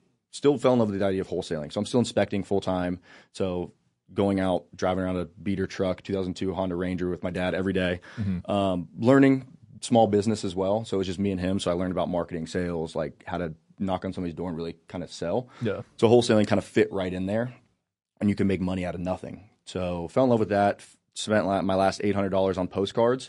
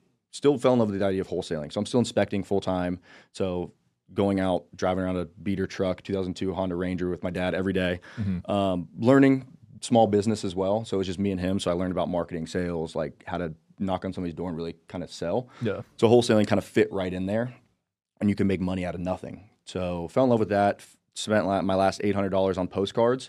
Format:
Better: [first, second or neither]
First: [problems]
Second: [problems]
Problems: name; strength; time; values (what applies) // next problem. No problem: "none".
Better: second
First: garbled, watery; slightly; nothing above 9 kHz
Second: none